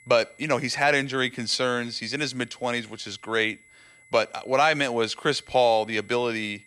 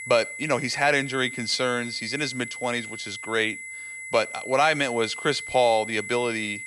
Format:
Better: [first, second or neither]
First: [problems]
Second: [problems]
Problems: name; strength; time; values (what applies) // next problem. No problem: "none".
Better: first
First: high-pitched whine; faint; throughout; 2 kHz, 30 dB below the speech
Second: high-pitched whine; loud; throughout; 2 kHz, 10 dB below the speech